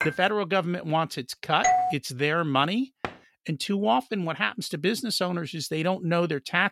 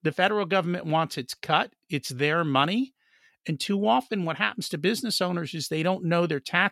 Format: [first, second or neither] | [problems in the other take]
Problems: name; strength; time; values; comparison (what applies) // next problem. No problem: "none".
second | clattering dishes; noticeable; at the start; peak 5 dB below the speech // doorbell; loud; at 1.5 s; peak 4 dB above the speech // door banging; faint; at 3 s; peak 10 dB below the speech